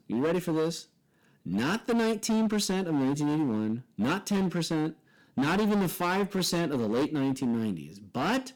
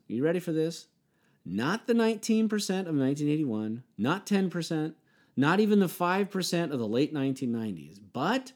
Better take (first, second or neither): second